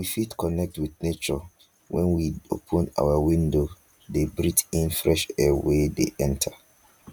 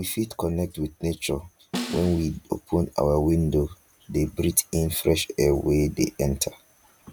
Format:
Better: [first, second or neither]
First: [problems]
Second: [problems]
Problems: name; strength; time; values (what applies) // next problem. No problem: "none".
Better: first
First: none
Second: background sound (Snare drum); 10 dB below the speech